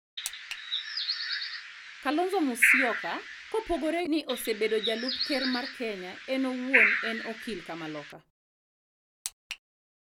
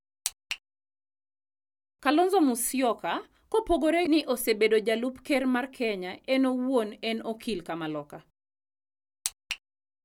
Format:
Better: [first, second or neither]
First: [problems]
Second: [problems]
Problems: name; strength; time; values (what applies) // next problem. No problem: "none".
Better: second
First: background sound (Bird); 2 dB above the speech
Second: none